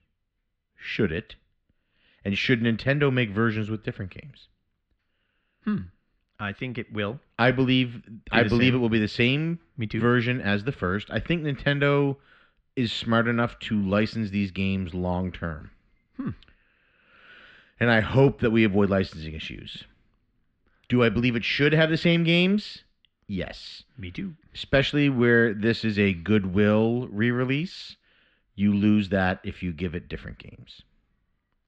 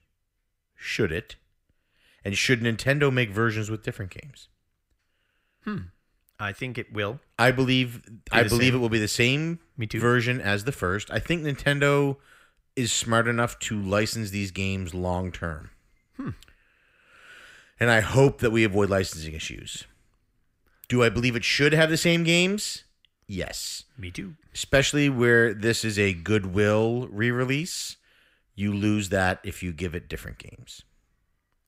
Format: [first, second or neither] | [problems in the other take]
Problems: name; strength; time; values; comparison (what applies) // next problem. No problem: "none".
second | muffled; slightly; fading above 4 kHz